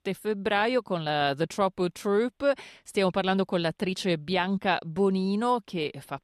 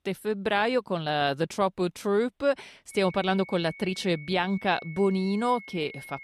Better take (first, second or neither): first